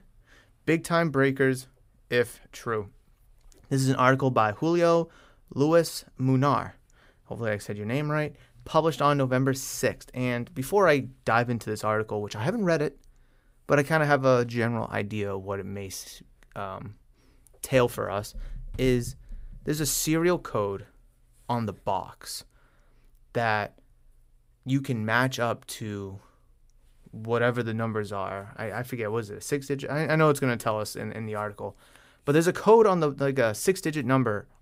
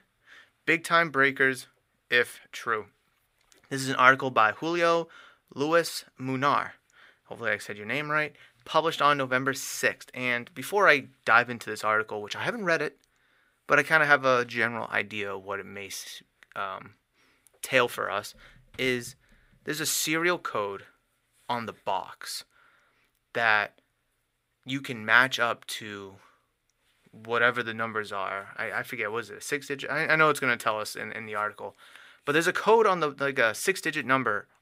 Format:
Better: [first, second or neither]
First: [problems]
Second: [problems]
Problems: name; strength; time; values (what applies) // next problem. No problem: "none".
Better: first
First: none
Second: thin; somewhat; fading below 800 Hz